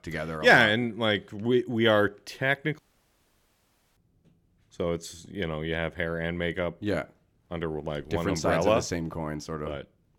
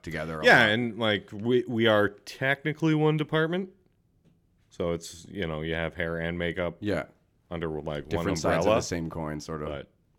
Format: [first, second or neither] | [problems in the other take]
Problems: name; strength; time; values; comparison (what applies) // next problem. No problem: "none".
second | audio cutting out; at 3 s for 1 s